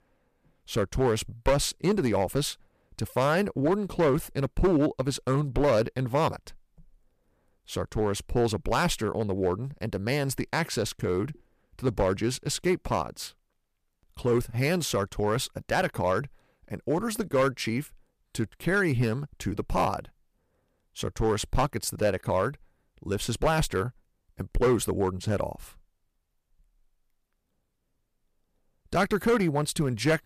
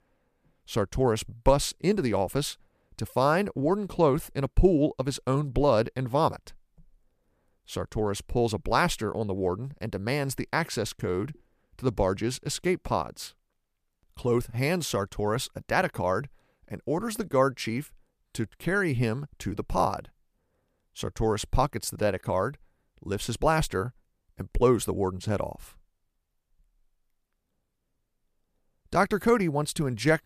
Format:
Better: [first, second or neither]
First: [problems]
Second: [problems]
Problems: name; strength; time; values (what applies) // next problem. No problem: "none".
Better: second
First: distortion; slight; 3% of the sound clipped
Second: none